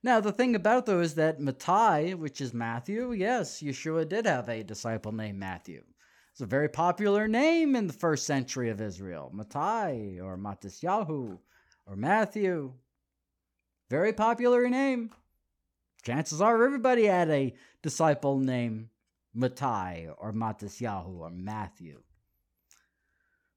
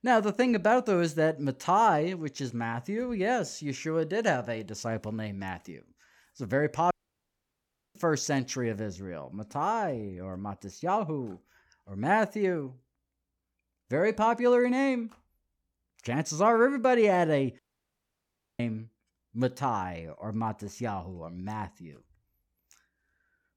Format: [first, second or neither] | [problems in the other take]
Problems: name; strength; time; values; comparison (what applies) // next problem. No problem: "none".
first | audio cutting out; at 7 s for 1 s and at 18 s for 1 s